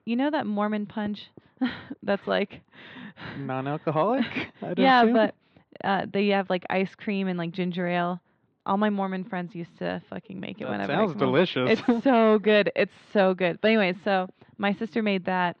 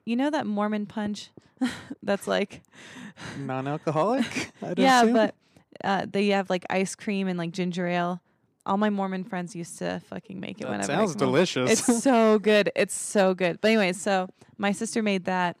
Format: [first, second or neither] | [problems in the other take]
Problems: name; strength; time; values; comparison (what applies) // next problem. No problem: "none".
second | muffled; slightly; fading above 3.5 kHz